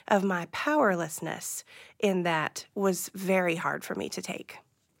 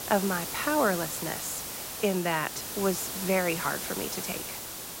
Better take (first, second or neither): first